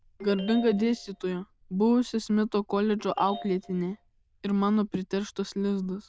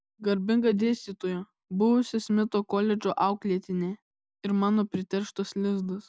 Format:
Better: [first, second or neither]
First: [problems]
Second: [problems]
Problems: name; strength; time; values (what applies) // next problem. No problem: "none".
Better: second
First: noise reduction (neural diffusion model UNIVERSE++)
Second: none